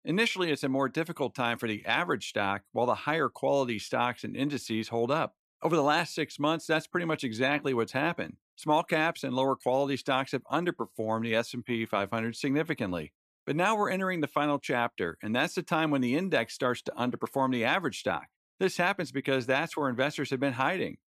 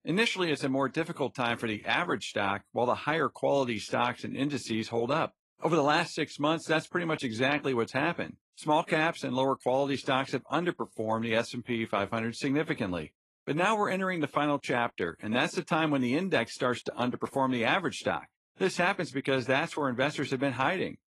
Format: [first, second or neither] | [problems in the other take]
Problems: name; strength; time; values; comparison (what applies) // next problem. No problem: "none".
first | garbled, watery; slightly; nothing above 11.5 kHz